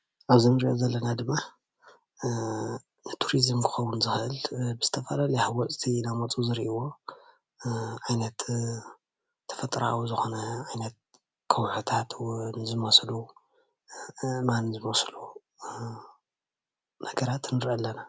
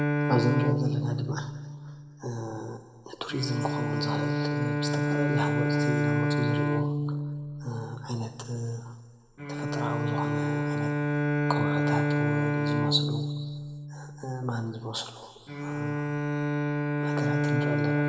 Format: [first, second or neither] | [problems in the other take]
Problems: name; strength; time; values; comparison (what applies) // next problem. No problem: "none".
first | background sound (Bowed string instrument); 5 dB above the speech // room echo; dies away in 1.8 s